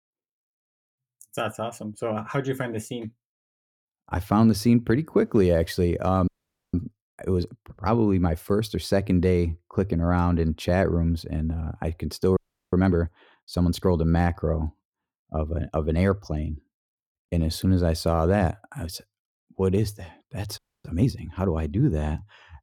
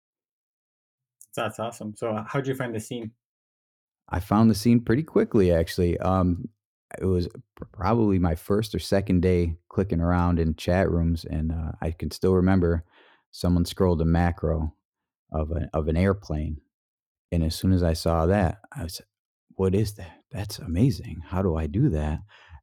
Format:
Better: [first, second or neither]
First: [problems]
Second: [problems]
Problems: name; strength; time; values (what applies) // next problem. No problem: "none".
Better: second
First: audio freezing; at 6.5 s, at 12 s and at 21 s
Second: none